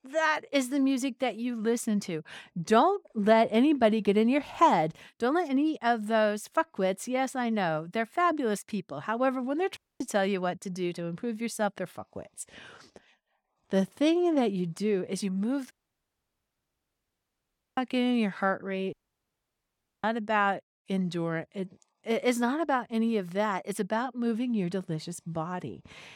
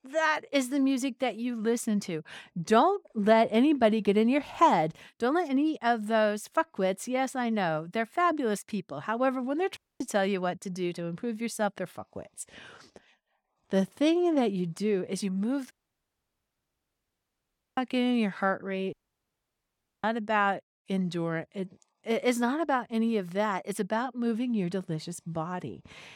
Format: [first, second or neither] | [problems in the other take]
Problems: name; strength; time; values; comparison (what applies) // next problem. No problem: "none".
neither | audio cutting out; at 10 s, at 16 s for 2 s and at 19 s for 1 s; the same in both